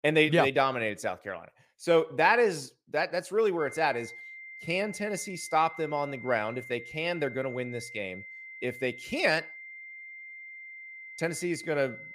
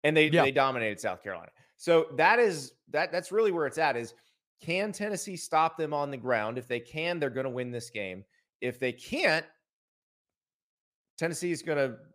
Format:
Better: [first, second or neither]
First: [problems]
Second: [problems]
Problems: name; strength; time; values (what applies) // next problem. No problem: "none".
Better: second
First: high-pitched whine; noticeable; from 3.5 s on; 2 kHz, 15 dB below the speech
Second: none